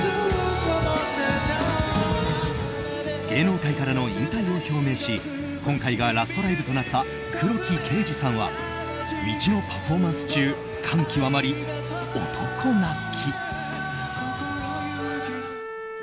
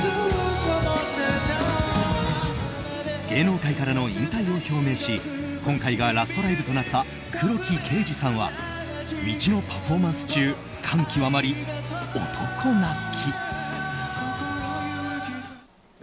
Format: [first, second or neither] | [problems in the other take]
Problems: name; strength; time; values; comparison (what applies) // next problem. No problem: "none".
second | background sound (Wind instrument, woodwind instrument); 11 dB below the speech